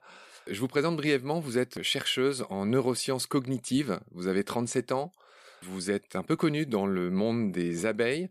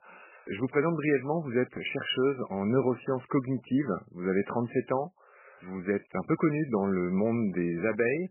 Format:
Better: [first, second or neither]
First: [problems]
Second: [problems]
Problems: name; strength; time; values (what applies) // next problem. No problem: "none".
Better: first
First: none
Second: garbled, watery; badly; nothing above 3 kHz